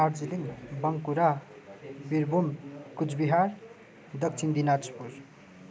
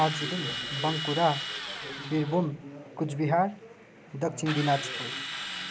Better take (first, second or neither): first